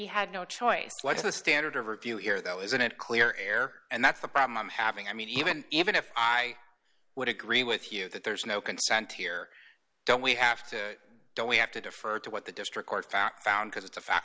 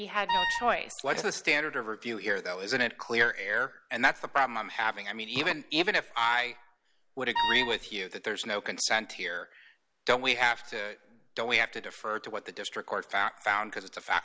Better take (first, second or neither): first